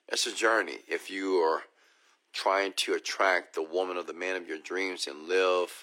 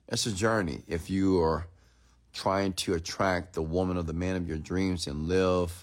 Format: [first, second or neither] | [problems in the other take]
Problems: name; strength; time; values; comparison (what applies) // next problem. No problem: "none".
second | thin; very; fading below 350 Hz